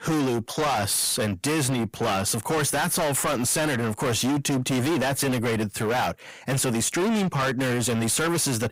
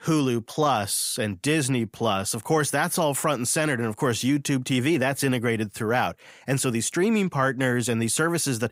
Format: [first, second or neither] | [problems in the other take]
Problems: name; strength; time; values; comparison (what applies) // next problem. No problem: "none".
second | distortion; heavy; 33% of the sound clipped